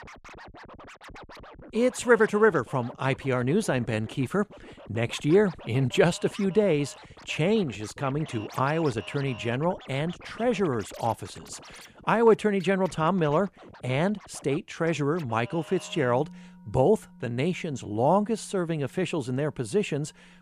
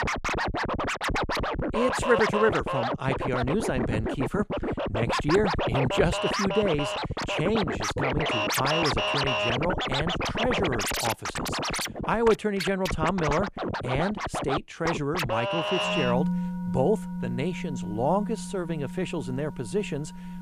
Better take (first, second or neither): first